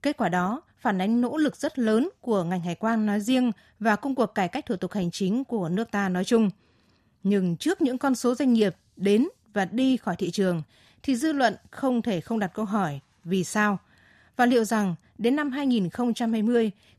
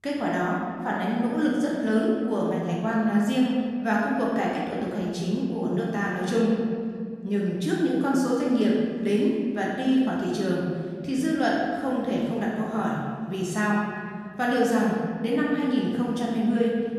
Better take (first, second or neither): first